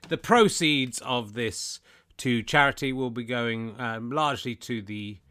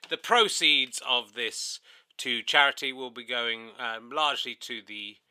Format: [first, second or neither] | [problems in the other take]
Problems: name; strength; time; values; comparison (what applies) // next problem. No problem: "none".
first | thin; somewhat; fading below 500 Hz